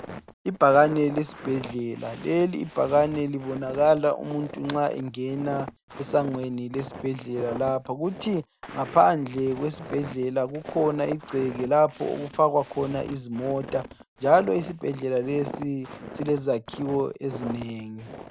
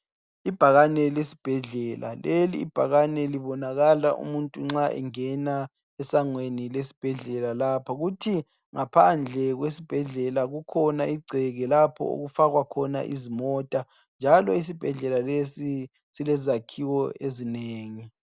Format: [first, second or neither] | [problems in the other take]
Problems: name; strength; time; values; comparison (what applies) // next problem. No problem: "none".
second | background sound (Walk, footsteps); 15 dB below the speech